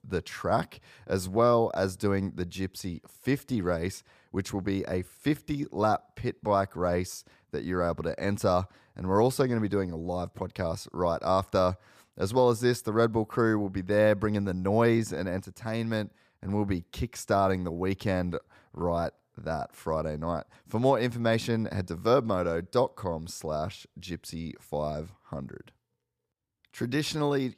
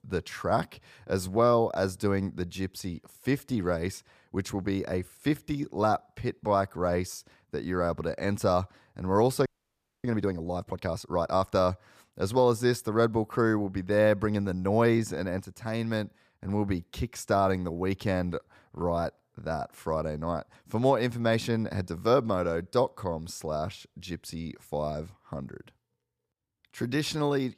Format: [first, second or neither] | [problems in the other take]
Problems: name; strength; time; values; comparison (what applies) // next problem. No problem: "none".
first | audio freezing; at 9.5 s for 0.5 s